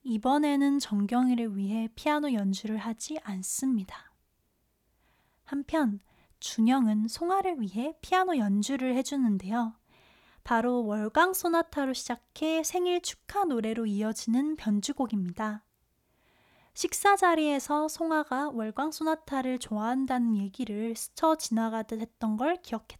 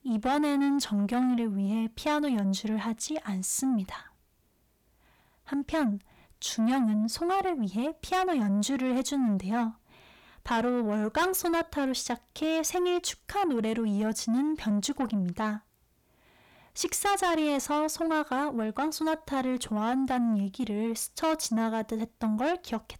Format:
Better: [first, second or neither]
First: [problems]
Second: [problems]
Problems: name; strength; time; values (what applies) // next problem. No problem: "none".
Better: first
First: none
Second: distortion; slight; 10 dB below the speech